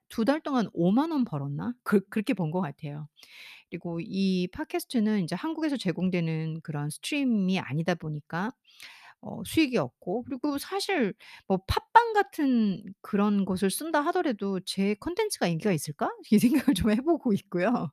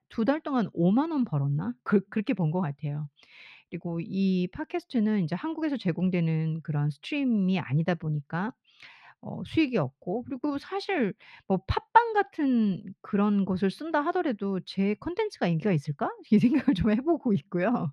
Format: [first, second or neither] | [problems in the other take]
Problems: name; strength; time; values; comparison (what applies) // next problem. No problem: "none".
first | muffled; very slightly; fading above 3 kHz